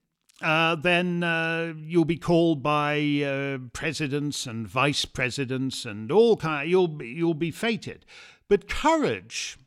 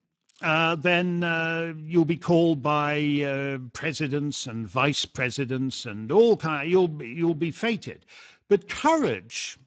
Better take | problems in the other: first | garbled, watery; badly; nothing above 7.5 kHz

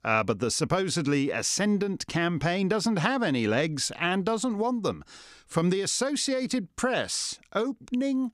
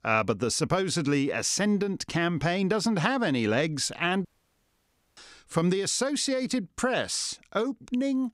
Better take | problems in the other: first | audio cutting out; at 4.5 s for 1 s

